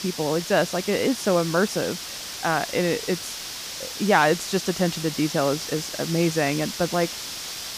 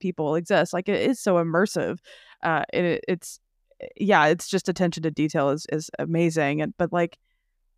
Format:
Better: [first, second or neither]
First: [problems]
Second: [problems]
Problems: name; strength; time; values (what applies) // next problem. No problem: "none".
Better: second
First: hiss; loud; throughout; 7 dB below the speech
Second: none